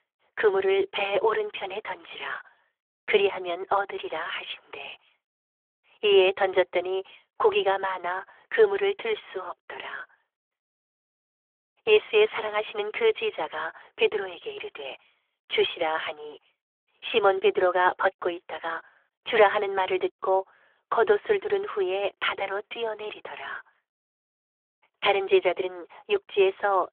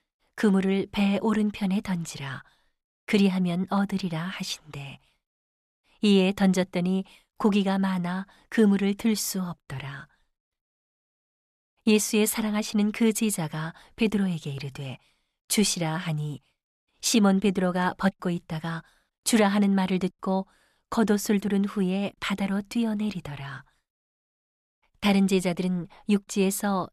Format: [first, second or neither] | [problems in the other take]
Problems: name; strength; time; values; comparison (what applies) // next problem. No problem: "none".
second | phone-call audio; nothing above 3.5 kHz